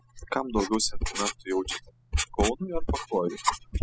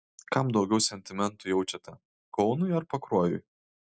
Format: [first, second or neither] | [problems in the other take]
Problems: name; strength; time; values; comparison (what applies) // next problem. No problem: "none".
second | noise reduction (classical method spectral subtraction)